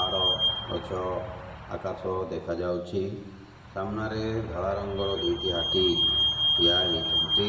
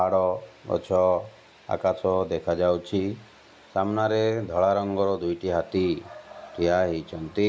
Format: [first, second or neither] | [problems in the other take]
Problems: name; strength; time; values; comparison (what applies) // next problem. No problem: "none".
second | background sound (Squeak / Vehicle); 1 dB above the speech // room echo; dies away in 1.1 s